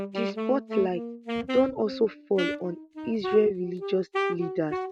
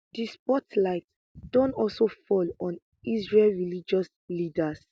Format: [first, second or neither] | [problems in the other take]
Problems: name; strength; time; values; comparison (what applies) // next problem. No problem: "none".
second | noise reduction (neural mask model RNNoise)